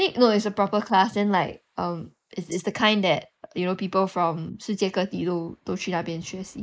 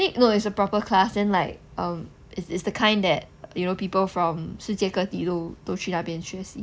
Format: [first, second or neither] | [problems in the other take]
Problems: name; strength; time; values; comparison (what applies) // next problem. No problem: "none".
second | noise reduction (neural mask model Resemble Enhance denoiser)